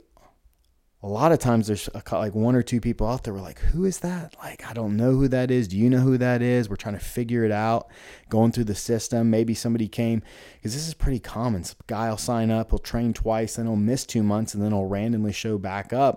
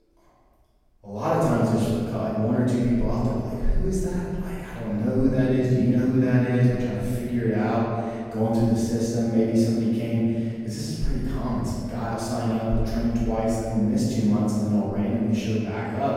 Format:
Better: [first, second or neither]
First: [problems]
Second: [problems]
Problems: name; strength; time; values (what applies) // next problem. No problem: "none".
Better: first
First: none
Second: room echo; strong; dies away in 2 s // off-mic speech; far